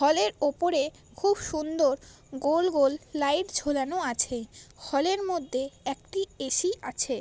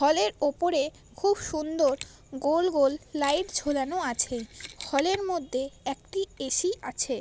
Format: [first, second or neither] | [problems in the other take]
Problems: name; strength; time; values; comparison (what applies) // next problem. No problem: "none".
first | background sound (Mechanisms); 20 dB below the speech